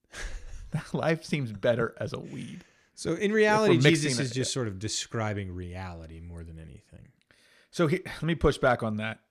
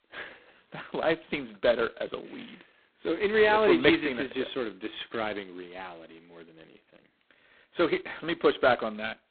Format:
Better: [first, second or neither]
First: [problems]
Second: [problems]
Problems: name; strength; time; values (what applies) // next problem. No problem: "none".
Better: first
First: none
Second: phone-call audio; poor line; nothing above 4 kHz